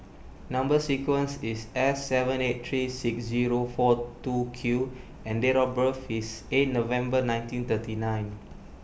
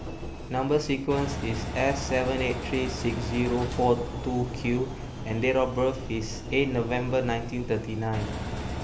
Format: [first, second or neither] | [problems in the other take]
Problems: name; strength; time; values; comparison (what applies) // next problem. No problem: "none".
first | background sound (Engine); 7 dB below the speech